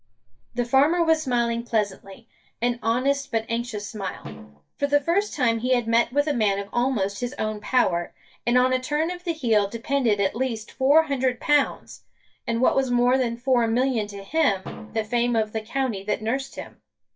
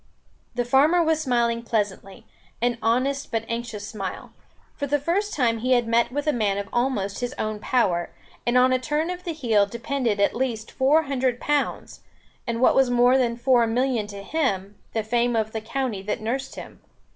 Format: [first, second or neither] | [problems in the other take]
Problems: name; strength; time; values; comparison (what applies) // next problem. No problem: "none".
second | noise reduction (neural mask model DeepFilterNet 3)